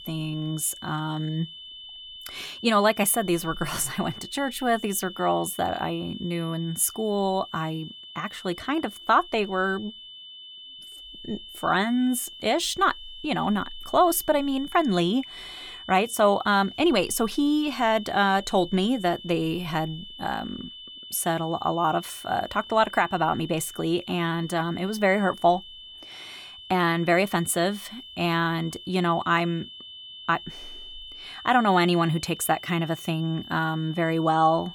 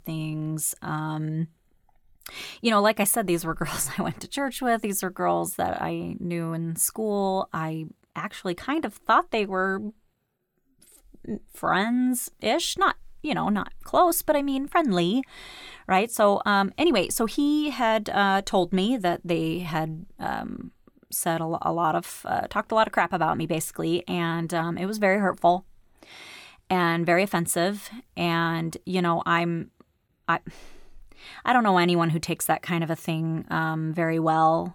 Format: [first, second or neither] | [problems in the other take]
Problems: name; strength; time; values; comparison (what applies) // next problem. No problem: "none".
second | high-pitched whine; noticeable; throughout; 3 kHz, 15 dB below the speech